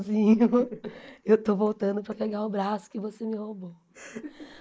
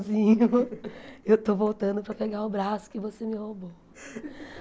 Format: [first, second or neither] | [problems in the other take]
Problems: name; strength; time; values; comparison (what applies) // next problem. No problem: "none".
second | noise reduction (neural mask model Resemble Enhance denoiser)